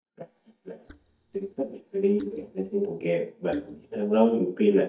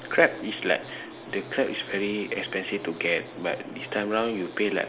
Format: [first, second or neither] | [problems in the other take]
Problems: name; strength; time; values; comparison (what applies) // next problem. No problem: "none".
second | noise reduction (neural mask model DeepFilterNet 3)